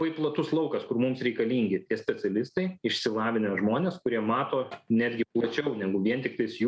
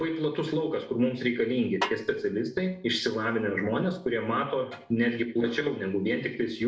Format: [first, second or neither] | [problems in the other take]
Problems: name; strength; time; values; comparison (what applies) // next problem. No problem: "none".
first | background sound (Snare drum); 8 dB below the speech // room echo; dies away in 0.4 s